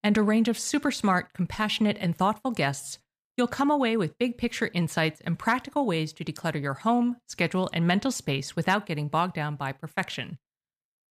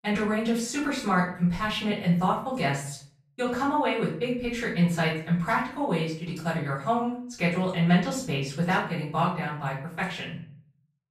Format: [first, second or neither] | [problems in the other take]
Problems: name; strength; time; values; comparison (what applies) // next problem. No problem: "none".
first | off-mic speech; far // room echo; noticeable; dies away in 0.4 s